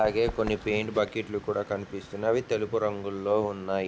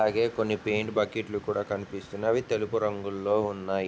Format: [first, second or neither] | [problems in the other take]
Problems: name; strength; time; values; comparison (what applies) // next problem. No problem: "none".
second | background sound (Run); 17 dB below the speech